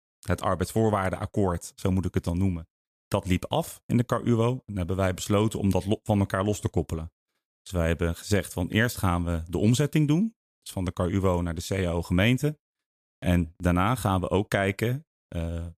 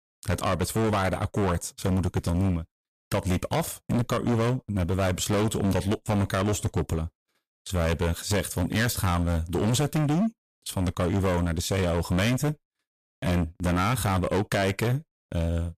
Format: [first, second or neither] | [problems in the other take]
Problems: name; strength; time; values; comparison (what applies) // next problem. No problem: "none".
first | distortion; heavy; 20% of the sound clipped